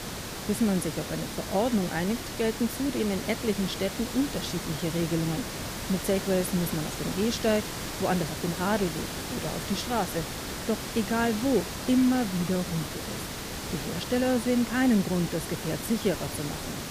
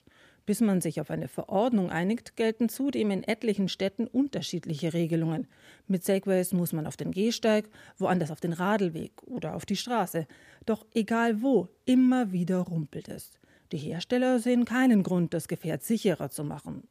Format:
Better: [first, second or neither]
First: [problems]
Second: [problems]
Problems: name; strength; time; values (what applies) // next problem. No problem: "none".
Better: second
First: hiss; loud; throughout; 6 dB below the speech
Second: none